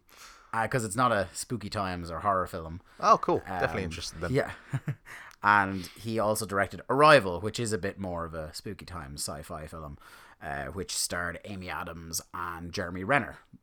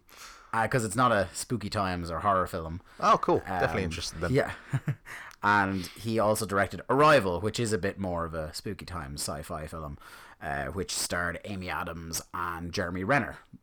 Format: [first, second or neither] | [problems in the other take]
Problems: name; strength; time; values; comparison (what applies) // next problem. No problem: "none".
first | distortion; slight; 10 dB below the speech